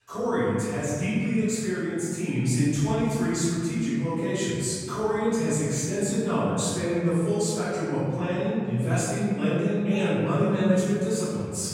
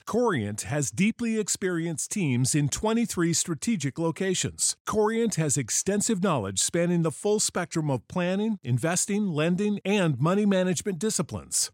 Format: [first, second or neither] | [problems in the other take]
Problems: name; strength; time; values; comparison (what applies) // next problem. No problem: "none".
second | off-mic speech; far // room echo; strong; dies away in 2.1 s